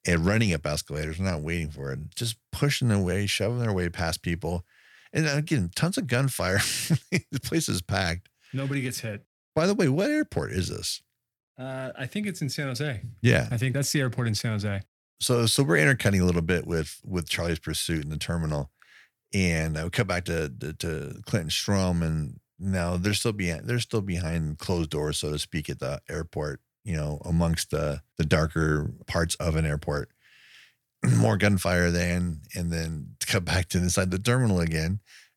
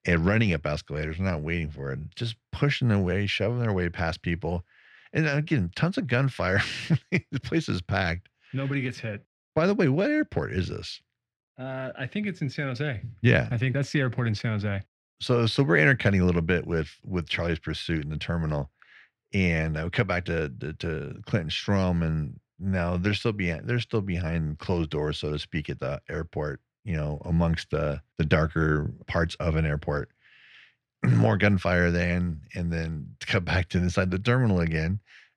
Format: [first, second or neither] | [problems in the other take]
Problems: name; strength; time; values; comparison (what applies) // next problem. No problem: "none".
first | muffled; slightly; fading above 3 kHz